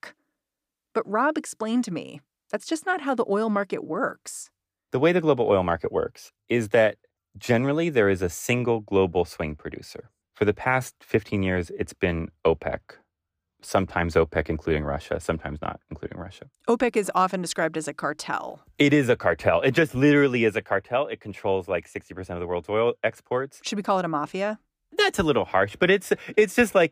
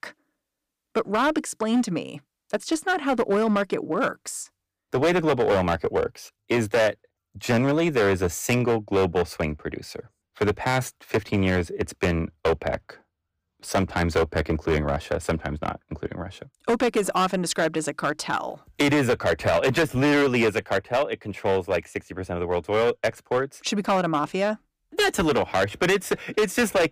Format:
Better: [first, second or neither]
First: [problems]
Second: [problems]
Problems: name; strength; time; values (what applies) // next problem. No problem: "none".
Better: first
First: none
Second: distortion; heavy; 9% of the sound clipped